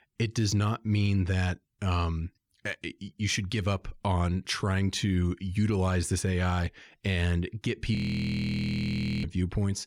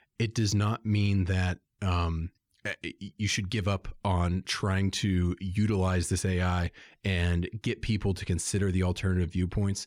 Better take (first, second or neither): second